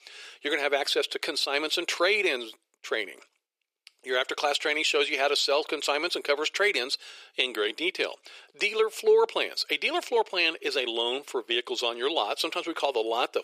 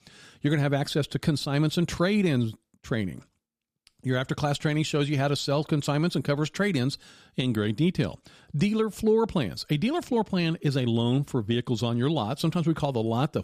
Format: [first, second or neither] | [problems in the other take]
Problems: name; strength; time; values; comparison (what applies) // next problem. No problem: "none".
second | thin; very; fading below 400 Hz